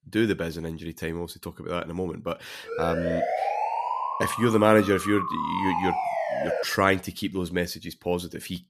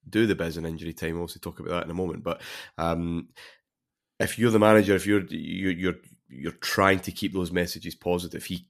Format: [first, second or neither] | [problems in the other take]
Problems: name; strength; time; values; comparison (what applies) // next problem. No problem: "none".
second | siren; loud; from 2.5 to 6.5 s; peak level with the speech